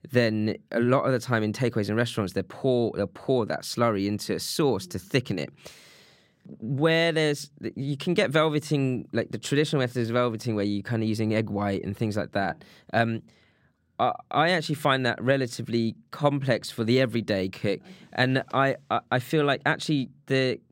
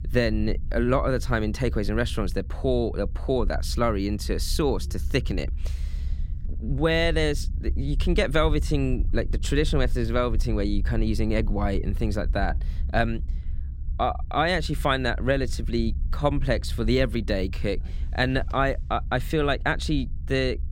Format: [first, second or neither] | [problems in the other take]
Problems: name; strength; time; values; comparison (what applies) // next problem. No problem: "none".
first | low rumble; faint; throughout; 25 dB below the speech